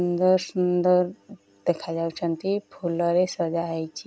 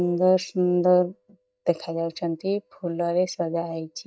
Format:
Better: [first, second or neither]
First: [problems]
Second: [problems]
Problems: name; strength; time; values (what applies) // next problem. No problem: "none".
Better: first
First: none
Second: noise reduction (neural mask model DeepFilterNet 3)